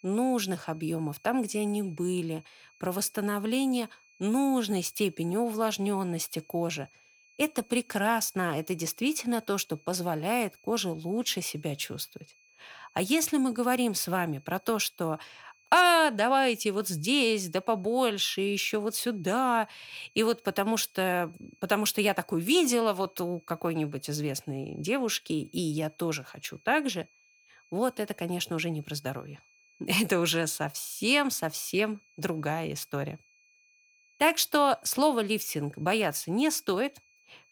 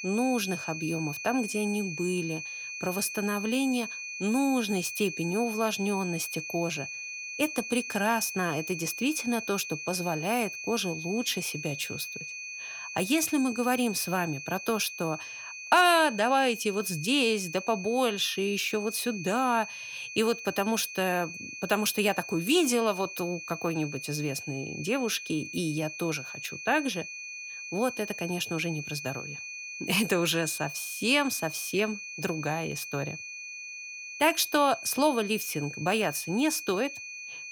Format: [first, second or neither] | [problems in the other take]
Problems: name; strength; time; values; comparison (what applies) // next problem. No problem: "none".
first | high-pitched whine; loud; throughout; 2.5 kHz, 8 dB below the speech; faint in the first